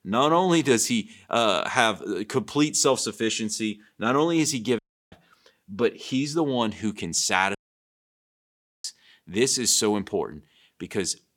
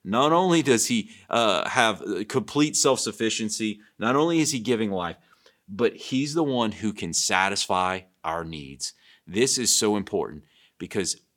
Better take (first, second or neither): second